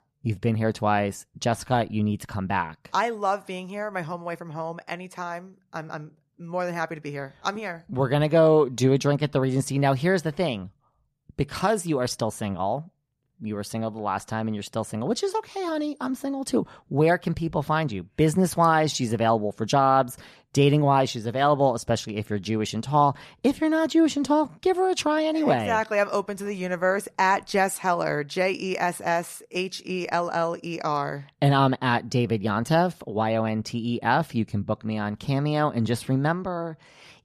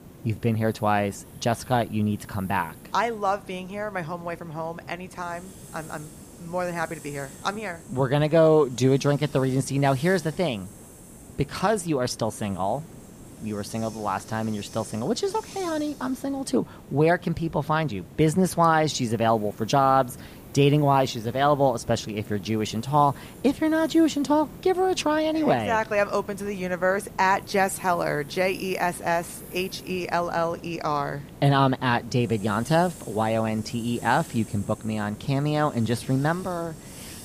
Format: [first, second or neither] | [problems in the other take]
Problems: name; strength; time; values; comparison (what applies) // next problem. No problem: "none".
first | hiss; noticeable; throughout; 20 dB below the speech